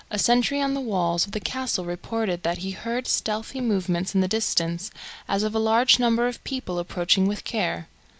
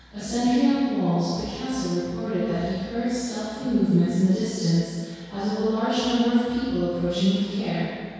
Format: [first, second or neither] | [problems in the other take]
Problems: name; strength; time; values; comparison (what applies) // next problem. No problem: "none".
first | room echo; dies away in 2 s